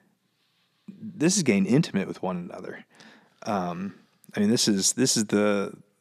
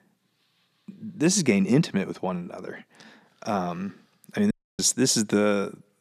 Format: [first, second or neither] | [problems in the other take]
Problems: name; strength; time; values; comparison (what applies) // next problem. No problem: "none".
first | audio cutting out; at 4.5 s